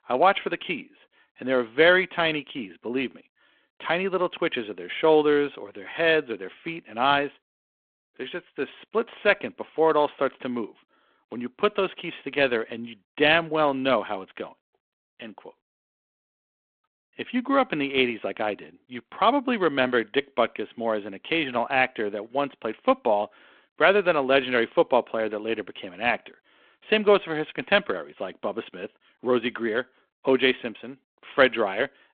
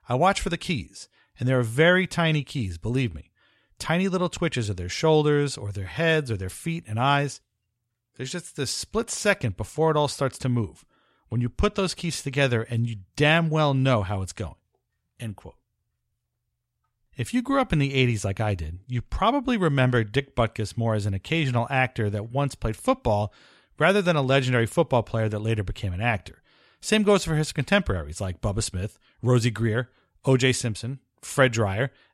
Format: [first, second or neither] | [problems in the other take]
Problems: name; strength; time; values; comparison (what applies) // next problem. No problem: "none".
second | phone-call audio